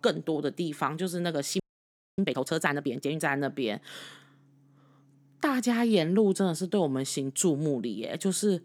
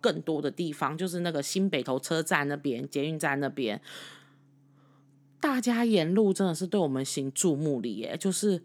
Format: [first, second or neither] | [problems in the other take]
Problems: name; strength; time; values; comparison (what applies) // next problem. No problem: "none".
second | audio freezing; at 1.5 s for 0.5 s